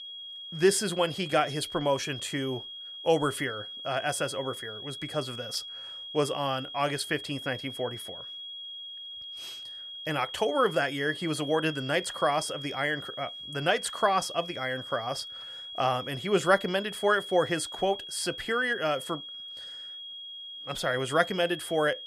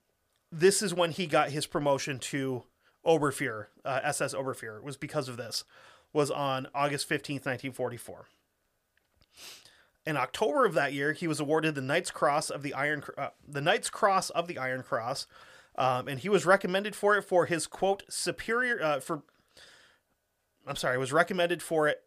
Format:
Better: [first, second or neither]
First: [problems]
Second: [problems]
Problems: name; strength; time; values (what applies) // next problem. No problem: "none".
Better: second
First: high-pitched whine; loud; throughout; 3.5 kHz, 9 dB below the speech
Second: none